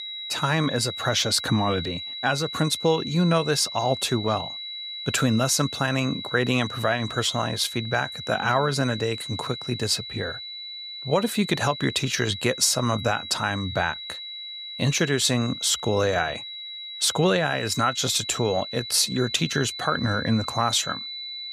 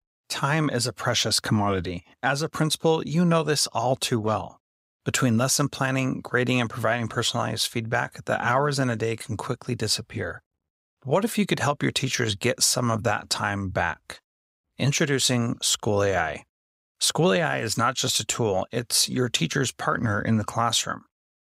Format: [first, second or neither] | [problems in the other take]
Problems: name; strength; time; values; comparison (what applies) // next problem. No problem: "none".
second | high-pitched whine; loud; throughout; 4 kHz, 9 dB below the speech